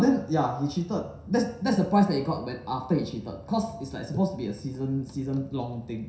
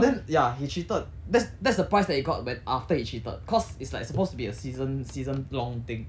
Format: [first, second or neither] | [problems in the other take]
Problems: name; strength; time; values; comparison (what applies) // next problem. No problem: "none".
second | room echo; dies away in 0.7 s